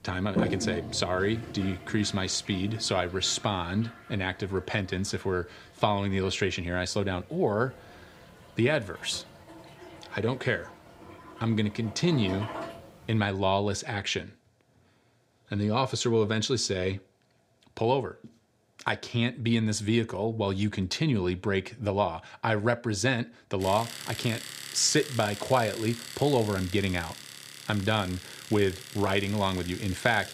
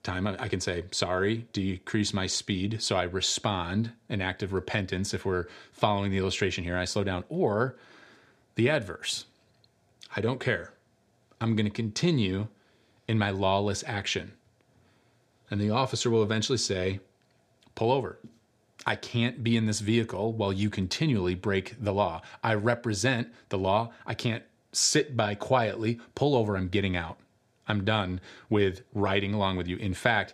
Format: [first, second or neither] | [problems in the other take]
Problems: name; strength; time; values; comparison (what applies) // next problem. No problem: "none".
second | household noises; noticeable; throughout; 10 dB below the speech